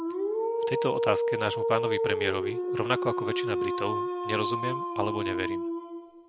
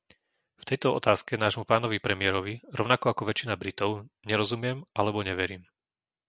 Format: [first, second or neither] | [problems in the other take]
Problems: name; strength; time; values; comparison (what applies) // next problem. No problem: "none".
second | background sound (Dog); 3 dB above the speech